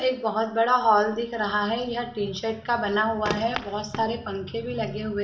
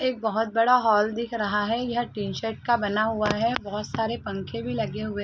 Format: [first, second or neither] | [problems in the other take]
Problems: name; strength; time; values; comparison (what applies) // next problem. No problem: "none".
second | room echo; dies away in 0.6 s